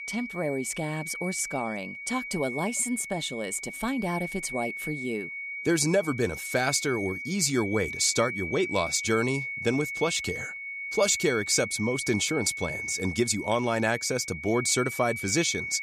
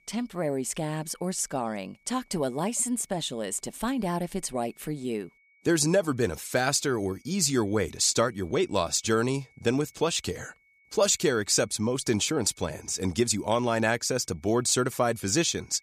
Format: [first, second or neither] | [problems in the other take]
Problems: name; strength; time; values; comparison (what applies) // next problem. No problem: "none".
second | high-pitched whine; loud; throughout; 2 kHz, 6 dB below the speech; faint in the second